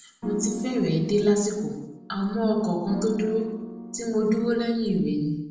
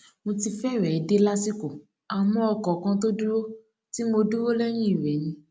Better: second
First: background sound (Piano); 11 dB below the speech // room echo; dies away in 0.7 s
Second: none

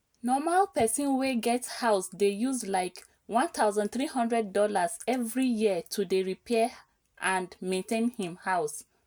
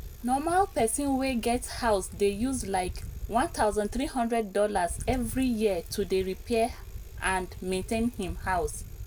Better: first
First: none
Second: background sound (Bicycle); 11 dB below the speech

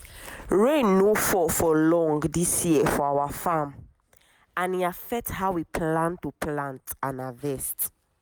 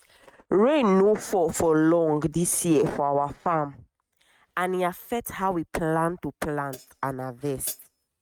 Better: first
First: none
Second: noise reduction (neural mask model RNNoise)

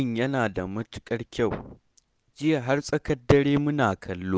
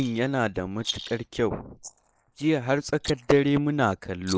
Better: first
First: none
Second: noise reduction (neural mask model Resemble Enhance denoiser)

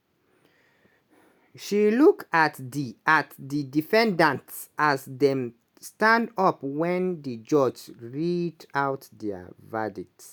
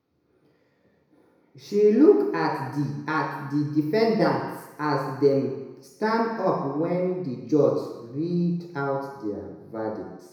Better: first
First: none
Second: room echo; dies away in 1 s

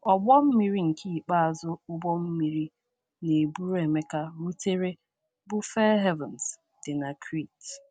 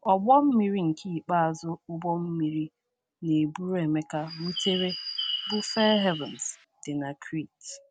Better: first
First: none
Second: background sound (Bird); 6 dB below the speech

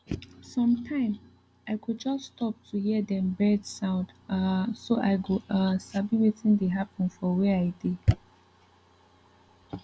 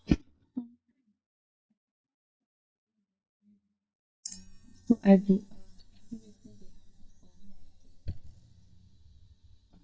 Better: first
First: none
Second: noise reduction (neural mask model DeepFilterNet 3)

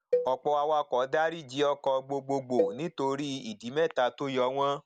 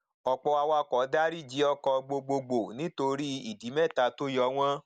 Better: second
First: background sound (Cowbell); 7 dB below the speech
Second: none

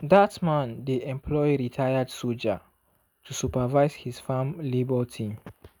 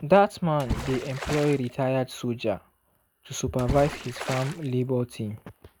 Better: first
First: none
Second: background sound (Water / Splash, splatter); 10 dB below the speech

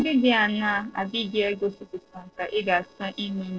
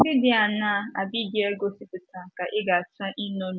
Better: second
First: noise reduction (neural separator model SepFormer DNS4)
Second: none

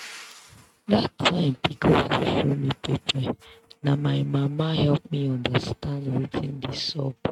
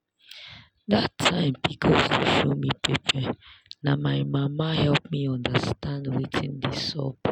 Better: second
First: noise reduction (neural mask model RNNoise)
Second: none

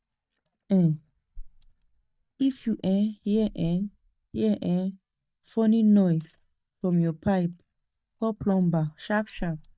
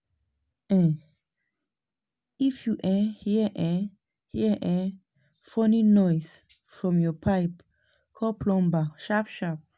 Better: second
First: noise reduction (neural mask model DeepFilterNet 3)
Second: none

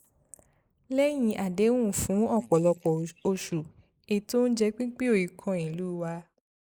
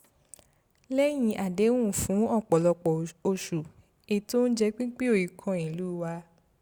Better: second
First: noise reduction (neural mask model Resemble Enhance denoiser)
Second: none

